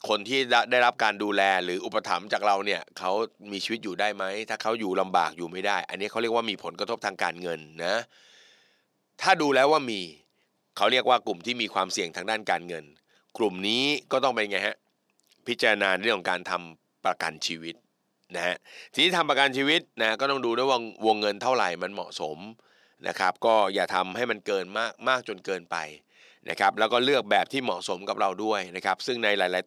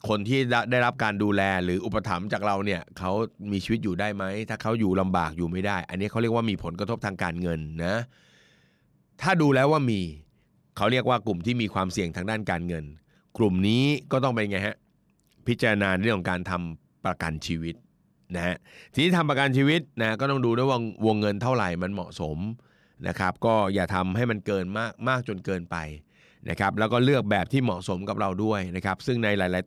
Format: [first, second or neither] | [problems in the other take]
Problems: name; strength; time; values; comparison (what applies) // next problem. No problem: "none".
second | thin; somewhat; fading below 400 Hz